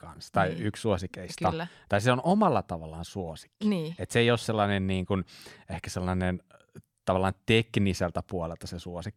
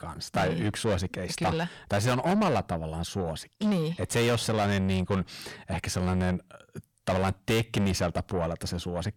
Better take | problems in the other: first | distortion; heavy; 6 dB below the speech

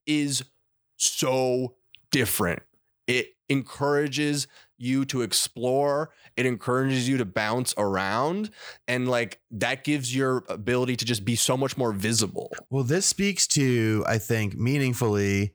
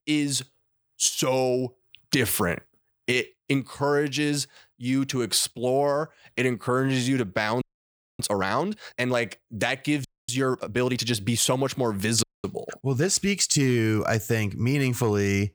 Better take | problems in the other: first | audio freezing; at 7.5 s for 0.5 s, at 10 s and at 12 s

